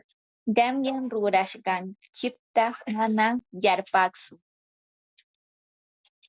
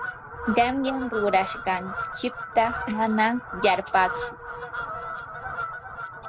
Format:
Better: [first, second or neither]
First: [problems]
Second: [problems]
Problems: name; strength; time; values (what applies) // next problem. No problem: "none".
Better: first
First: none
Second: background sound (Fowl); 7 dB below the speech